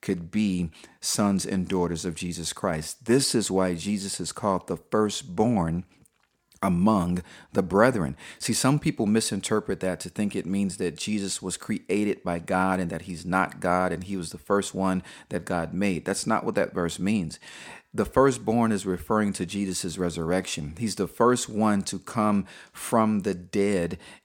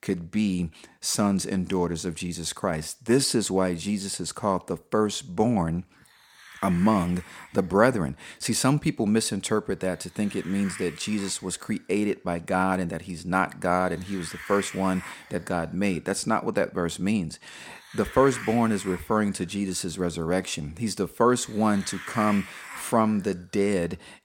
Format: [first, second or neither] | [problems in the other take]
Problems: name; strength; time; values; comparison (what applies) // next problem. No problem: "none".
first | hiss; noticeable; from 5 s on; 15 dB below the speech